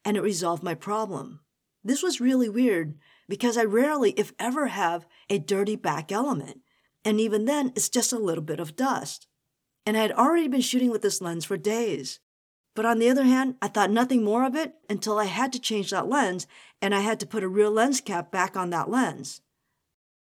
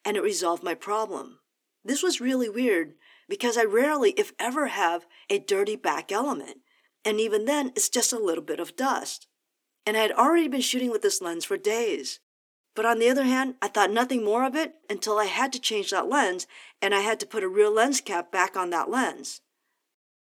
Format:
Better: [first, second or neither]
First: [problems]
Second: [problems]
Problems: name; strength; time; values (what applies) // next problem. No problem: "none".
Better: first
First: none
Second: thin; very slightly; fading below 300 Hz